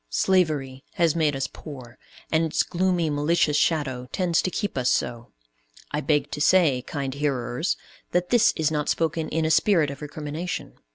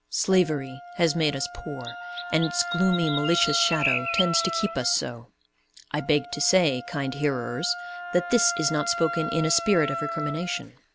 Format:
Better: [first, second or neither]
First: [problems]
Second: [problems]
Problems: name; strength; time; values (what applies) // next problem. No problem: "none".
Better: first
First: none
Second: background sound (Chirp, tweet + Wind instrument, woodwind instrument); 7 dB below the speech